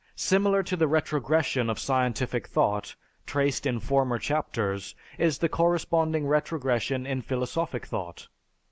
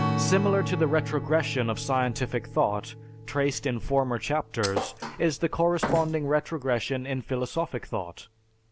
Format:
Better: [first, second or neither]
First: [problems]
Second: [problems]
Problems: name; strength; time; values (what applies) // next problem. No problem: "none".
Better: first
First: none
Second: background sound (Thump, thud + Strum); 7 dB below the speech